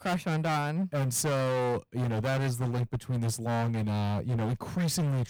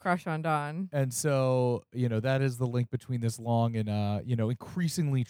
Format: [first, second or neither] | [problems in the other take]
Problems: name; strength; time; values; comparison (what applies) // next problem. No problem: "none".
second | distortion; heavy; 31% of the sound clipped